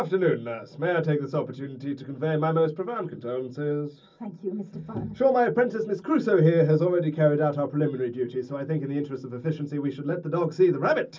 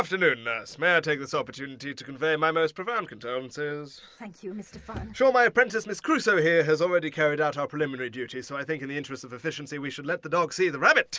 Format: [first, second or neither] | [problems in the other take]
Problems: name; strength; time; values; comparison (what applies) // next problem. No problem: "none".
second | room echo; dies away in 0.4 s